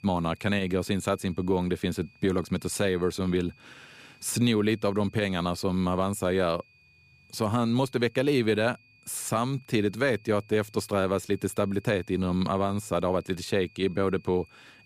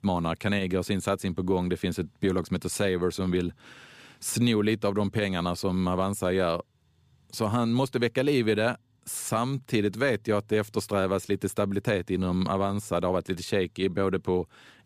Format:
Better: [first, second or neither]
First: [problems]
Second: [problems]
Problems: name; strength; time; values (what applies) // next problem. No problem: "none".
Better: second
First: high-pitched whine; faint; throughout; 2.5 kHz, 30 dB below the speech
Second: none